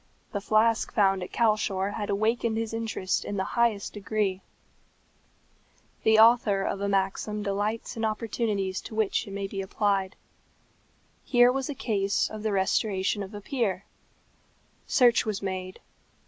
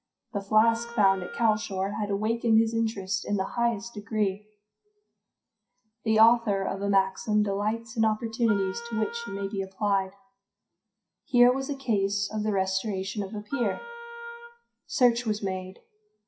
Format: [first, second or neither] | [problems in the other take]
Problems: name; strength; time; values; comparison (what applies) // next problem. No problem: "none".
first | noise reduction (classical method WPE with log-MMSE)